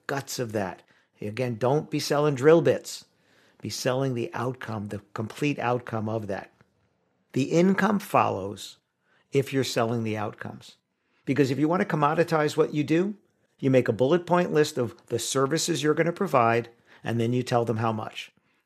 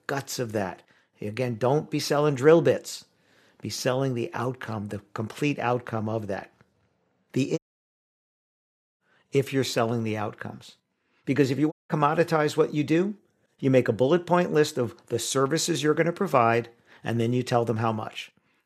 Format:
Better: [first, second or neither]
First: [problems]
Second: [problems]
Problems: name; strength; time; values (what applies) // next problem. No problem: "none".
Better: first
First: none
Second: audio cutting out; at 7.5 s for 1.5 s and at 12 s